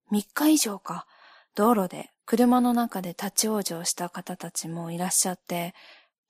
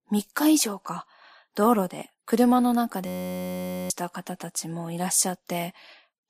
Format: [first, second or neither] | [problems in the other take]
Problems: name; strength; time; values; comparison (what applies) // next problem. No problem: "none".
first | audio freezing; at 3 s for 1 s